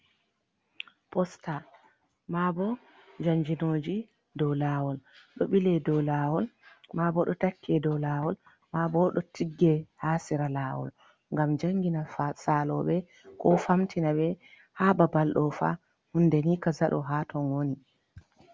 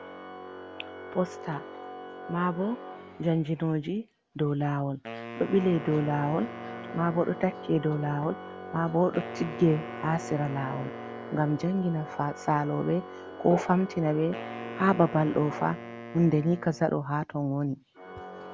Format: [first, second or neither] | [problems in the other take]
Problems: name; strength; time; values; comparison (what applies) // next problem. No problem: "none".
first | background sound (Wind instrument, woodwind instrument + Organ); 12 dB below the speech